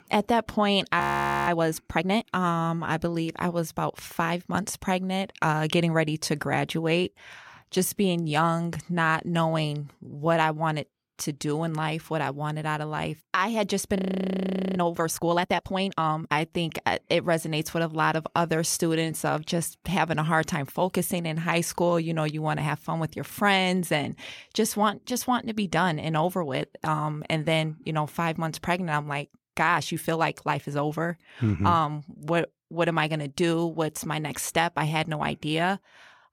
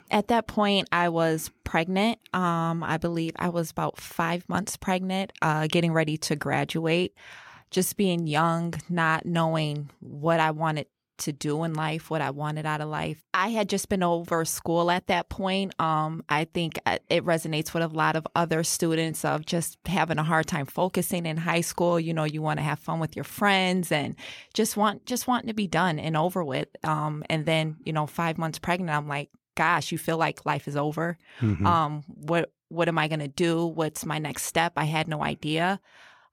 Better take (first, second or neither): second